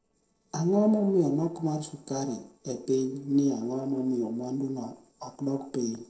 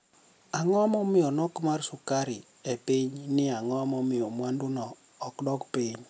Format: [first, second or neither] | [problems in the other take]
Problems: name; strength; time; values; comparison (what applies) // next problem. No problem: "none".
second | noise reduction (neural separator model SepFormer DNS4)